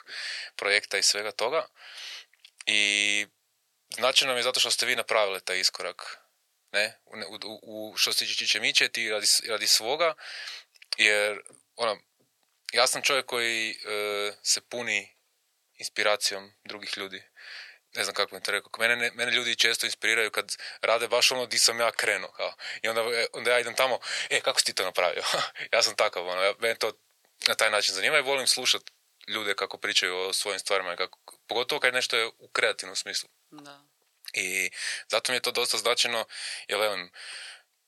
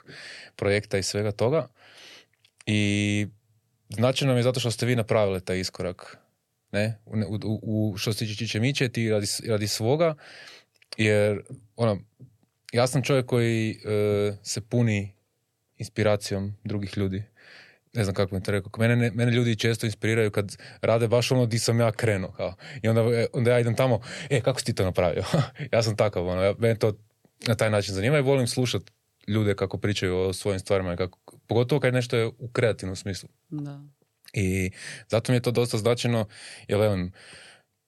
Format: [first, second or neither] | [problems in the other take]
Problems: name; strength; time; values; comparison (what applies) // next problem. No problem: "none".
second | thin; very; fading below 950 Hz